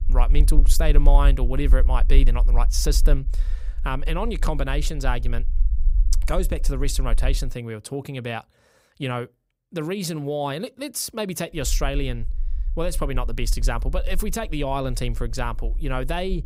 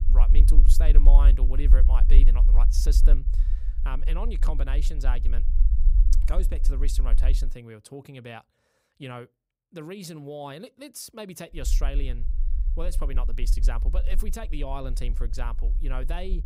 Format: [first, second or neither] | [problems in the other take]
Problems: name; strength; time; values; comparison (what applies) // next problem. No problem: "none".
first | low rumble; loud; until 7.5 s and from 12 s on; 10 dB below the speech; faint in the first